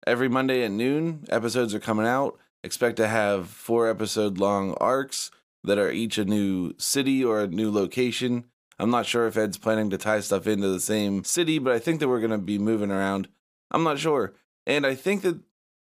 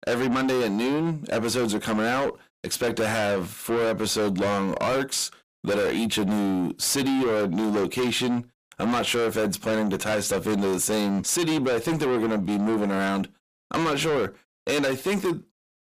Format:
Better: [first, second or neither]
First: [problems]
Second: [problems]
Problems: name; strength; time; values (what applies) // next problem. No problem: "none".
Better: first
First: none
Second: distortion; heavy; 6 dB below the speech